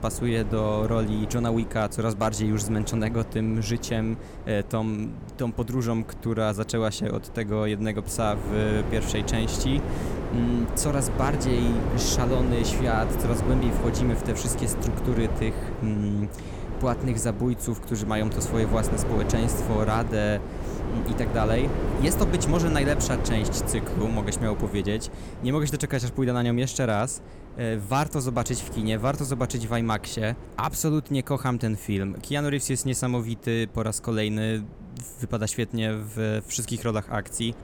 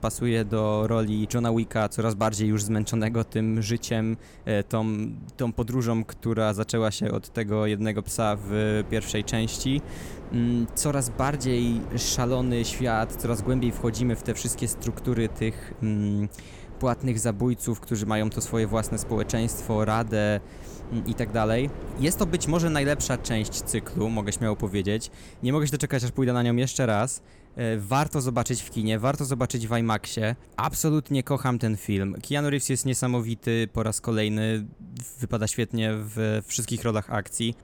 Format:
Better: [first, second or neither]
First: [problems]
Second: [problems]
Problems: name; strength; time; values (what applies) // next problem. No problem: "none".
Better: second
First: wind noise on the microphone; heavy; 6 dB below the speech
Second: wind noise on the microphone; occasional gusts; 15 dB below the speech